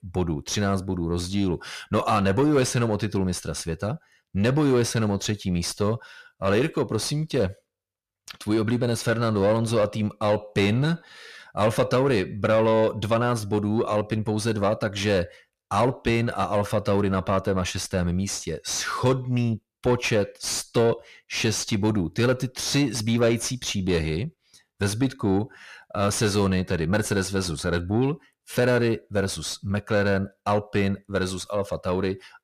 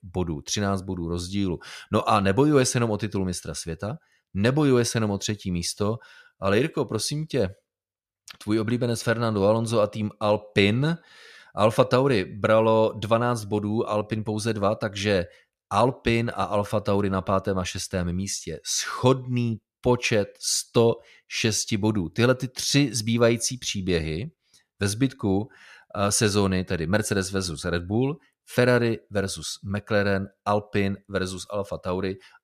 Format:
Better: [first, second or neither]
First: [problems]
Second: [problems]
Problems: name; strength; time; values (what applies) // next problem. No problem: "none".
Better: second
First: distortion; slight; 10 dB below the speech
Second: none